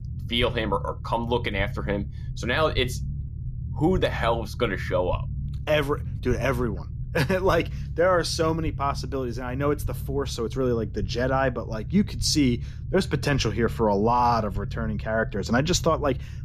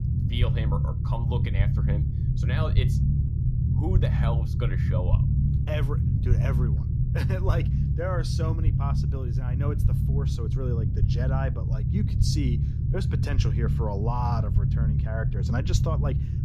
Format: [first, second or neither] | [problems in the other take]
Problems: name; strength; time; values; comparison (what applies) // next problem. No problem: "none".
first | low rumble; loud; throughout; 2 dB below the speech; faint in the first